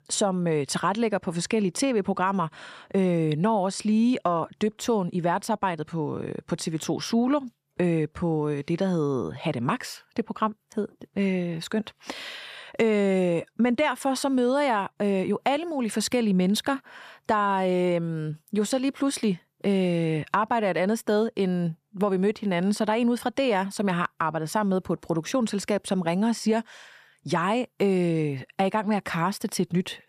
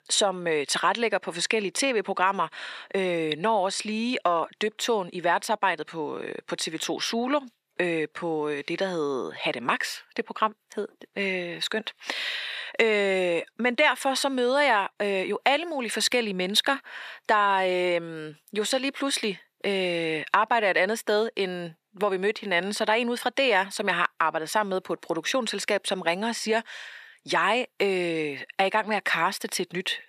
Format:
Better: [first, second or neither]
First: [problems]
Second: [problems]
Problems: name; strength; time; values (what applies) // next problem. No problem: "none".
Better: first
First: none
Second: thin; somewhat; fading below 400 Hz